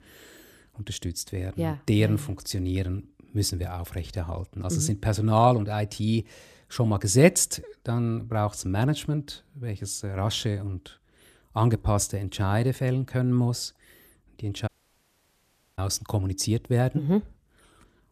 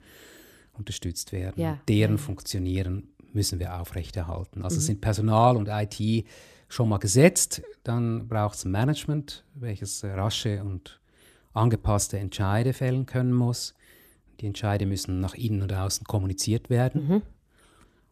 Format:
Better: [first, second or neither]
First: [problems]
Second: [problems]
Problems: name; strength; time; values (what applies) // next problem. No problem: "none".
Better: second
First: audio cutting out; at 15 s for 1 s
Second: none